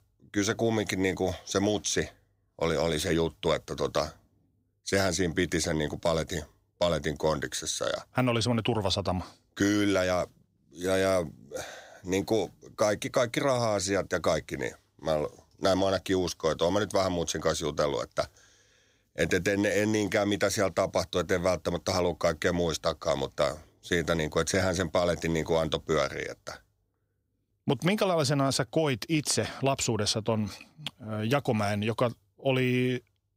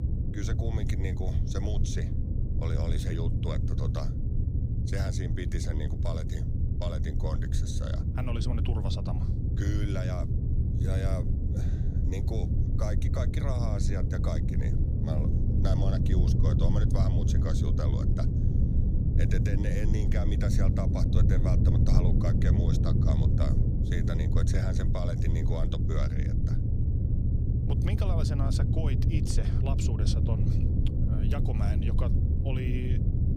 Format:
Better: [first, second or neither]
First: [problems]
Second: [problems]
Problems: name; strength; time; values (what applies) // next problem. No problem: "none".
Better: first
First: none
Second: low rumble; loud; throughout; as loud as the speech